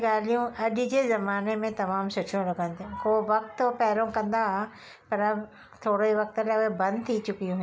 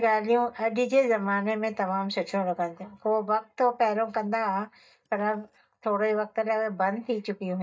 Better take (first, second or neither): first